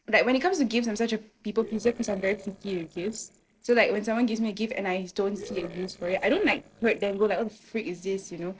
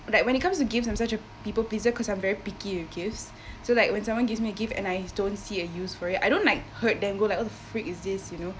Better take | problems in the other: second | noise reduction (neural separator model SepFormer DNS4)

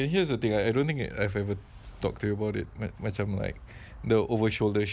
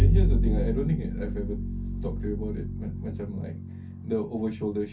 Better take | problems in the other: first | background sound (Bowed string instrument); 5 dB above the speech // room echo; dies away in 0.3 s

